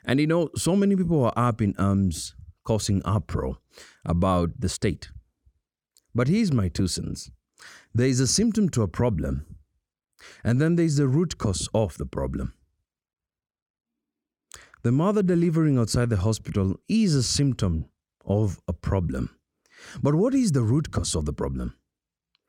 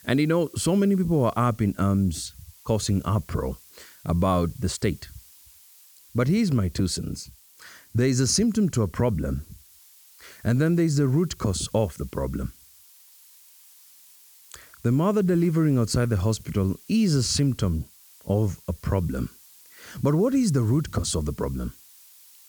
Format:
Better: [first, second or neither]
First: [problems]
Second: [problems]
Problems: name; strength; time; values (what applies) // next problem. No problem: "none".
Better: first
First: none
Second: hiss; faint; throughout; 25 dB below the speech